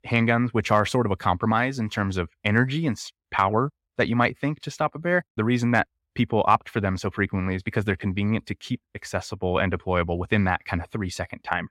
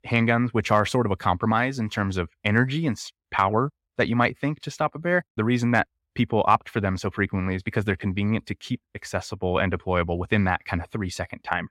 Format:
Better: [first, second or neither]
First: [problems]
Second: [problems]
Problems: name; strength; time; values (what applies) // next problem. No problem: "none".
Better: neither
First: none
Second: none